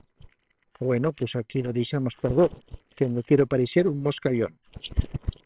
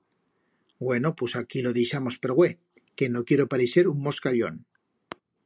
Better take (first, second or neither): second